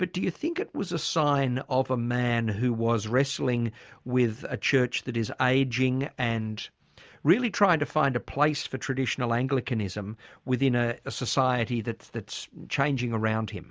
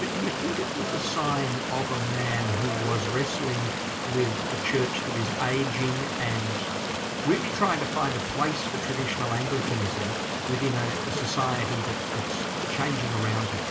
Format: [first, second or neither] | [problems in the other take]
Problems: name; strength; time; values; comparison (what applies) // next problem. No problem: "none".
first | background sound (Stream); as loud as the speech // room echo; dies away in 0.2 s